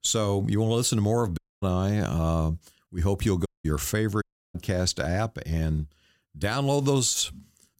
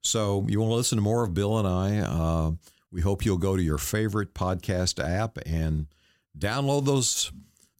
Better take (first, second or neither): second